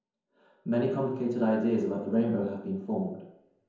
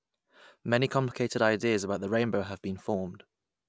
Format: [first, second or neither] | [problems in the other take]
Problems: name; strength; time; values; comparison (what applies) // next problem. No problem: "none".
second | room echo; dies away in 0.9 s